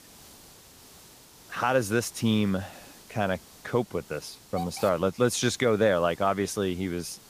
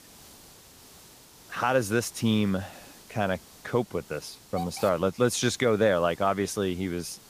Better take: neither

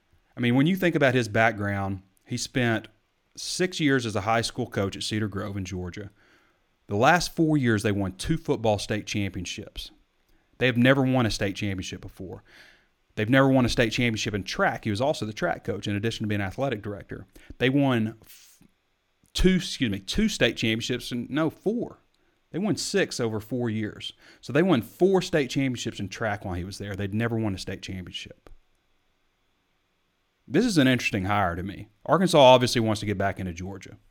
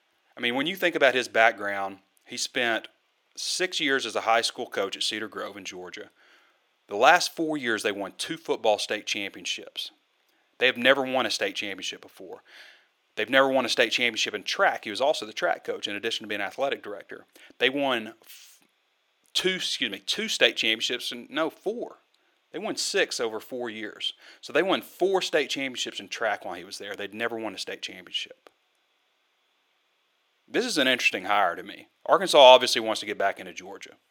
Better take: first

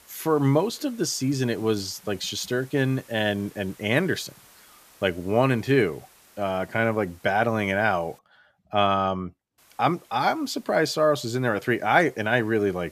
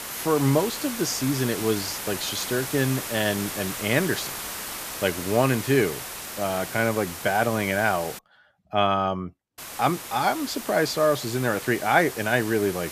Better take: first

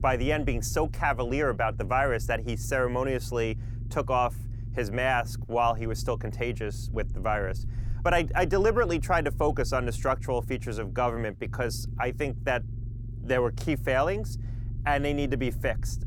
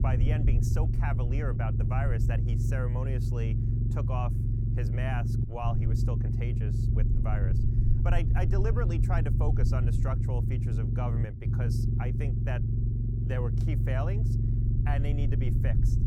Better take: first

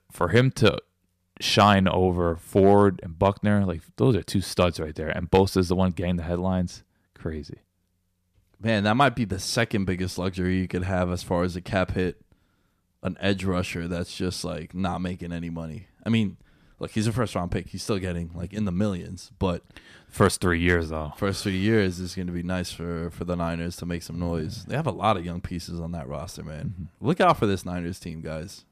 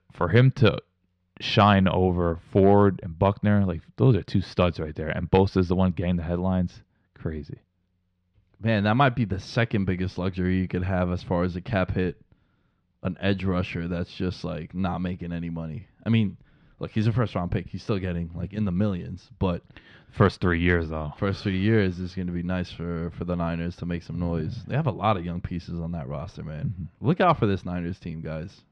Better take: first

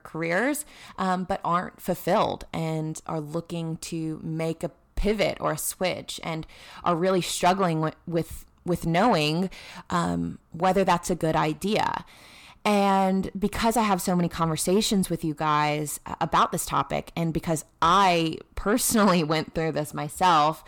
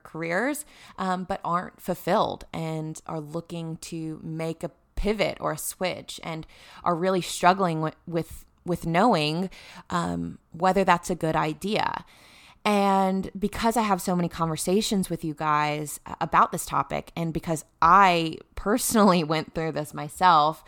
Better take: second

